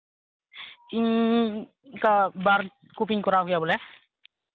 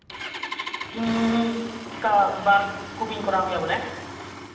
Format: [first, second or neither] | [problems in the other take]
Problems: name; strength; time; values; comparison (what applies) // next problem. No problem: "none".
first | background sound (Engine starting); 10 dB below the speech // room echo; dies away in 1 s